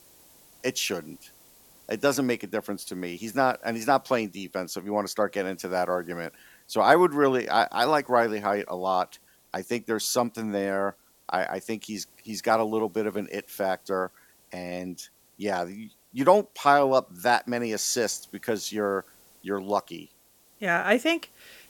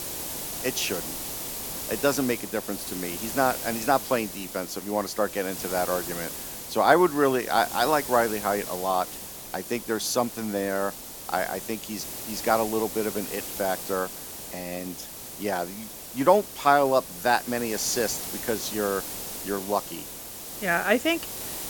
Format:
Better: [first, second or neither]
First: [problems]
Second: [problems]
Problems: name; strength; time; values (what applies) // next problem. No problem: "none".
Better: first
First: hiss; faint; throughout; 30 dB below the speech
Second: hiss; loud; throughout; 7 dB below the speech